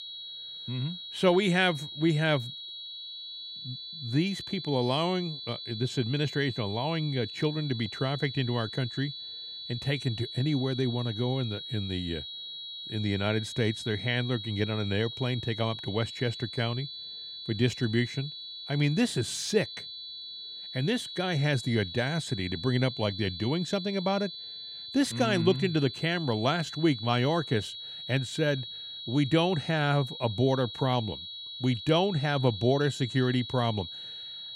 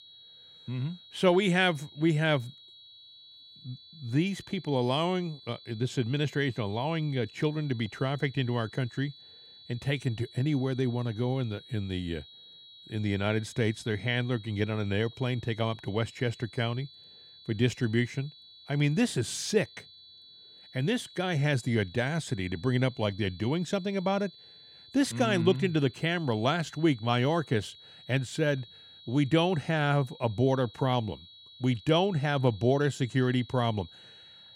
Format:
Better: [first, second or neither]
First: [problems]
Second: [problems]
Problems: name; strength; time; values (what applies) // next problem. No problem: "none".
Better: second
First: high-pitched whine; loud; throughout; 4 kHz, 9 dB below the speech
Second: high-pitched whine; faint; throughout; 4 kHz, 20 dB below the speech